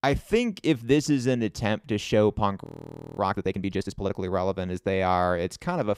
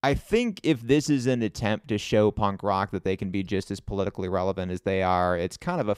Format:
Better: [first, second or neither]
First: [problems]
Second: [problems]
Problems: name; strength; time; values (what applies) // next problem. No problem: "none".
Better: second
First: audio freezing; at 2.5 s for 0.5 s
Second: none